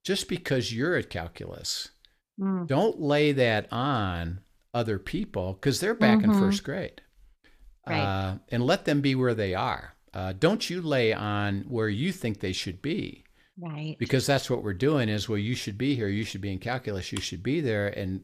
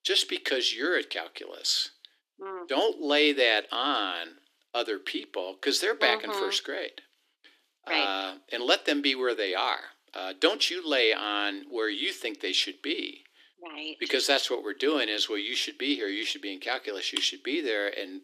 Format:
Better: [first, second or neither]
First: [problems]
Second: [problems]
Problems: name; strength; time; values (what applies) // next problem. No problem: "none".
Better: first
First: none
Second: thin; somewhat; fading below 300 Hz